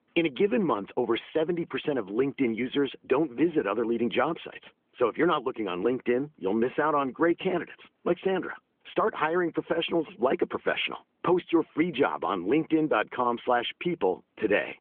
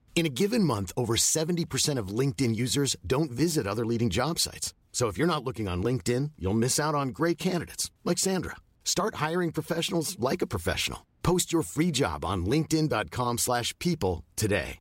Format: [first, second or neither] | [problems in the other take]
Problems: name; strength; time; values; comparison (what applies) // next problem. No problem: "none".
second | phone-call audio; nothing above 3.5 kHz